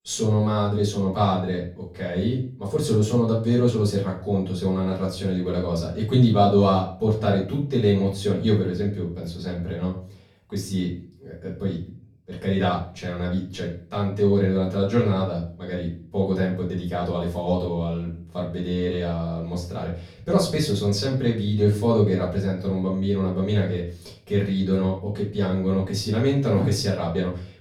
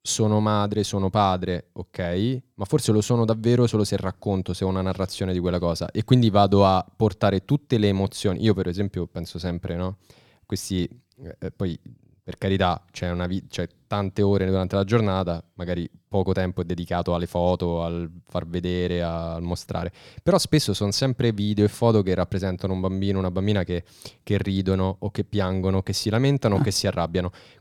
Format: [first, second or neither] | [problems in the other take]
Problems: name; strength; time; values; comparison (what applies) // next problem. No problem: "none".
second | off-mic speech; far // room echo; slight; dies away in 0.4 s